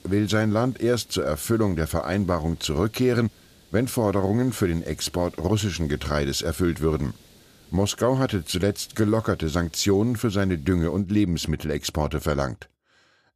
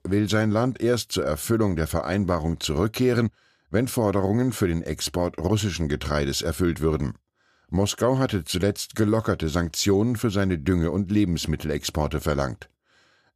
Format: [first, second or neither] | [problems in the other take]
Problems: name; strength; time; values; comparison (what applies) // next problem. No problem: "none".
second | hiss; faint; until 11 s; 30 dB below the speech